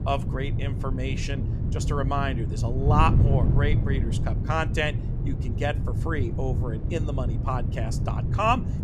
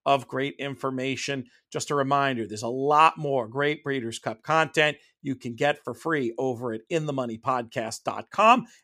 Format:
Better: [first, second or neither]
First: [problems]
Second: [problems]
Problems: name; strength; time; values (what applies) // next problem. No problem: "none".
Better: second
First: wind noise on the microphone; heavy; 9 dB below the speech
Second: none